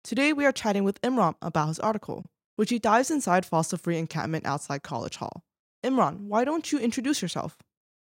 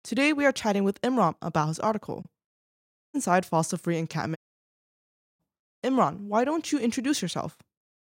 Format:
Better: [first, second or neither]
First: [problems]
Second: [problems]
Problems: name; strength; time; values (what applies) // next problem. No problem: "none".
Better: first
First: none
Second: audio cutting out; at 2.5 s for 0.5 s and at 4.5 s for 1 s